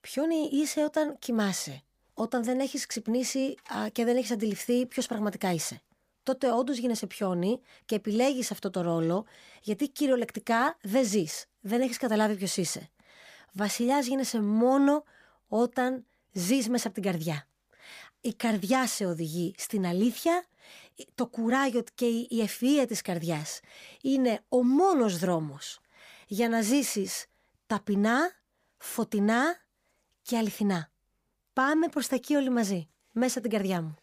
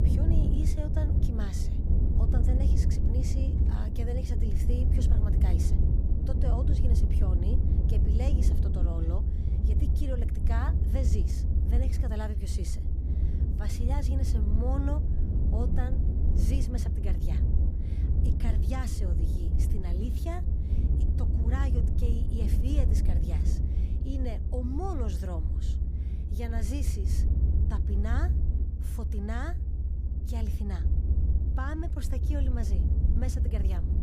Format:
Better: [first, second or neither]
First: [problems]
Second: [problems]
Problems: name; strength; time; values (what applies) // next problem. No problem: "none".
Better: first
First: none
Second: low rumble; loud; throughout; 1 dB below the speech